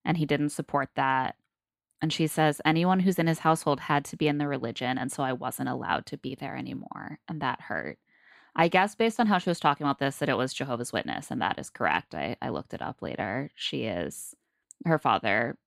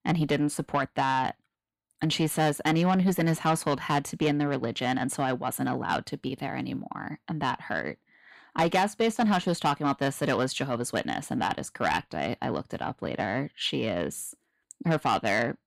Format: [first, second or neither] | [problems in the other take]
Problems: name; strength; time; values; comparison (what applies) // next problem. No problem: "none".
first | distortion; slight; 10 dB below the speech